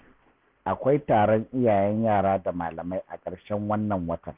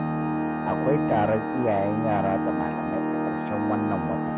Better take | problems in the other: first | background sound (Organ); 1 dB above the speech

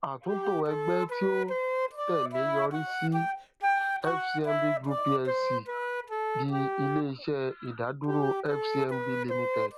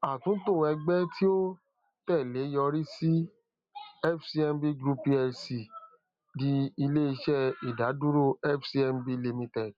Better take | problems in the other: second | background sound (Wind instrument, woodwind instrument); 1 dB above the speech

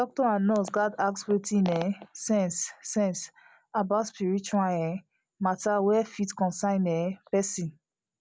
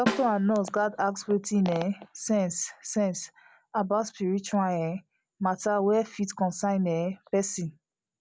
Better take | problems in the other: first | background sound (Snare drum); 6 dB below the speech

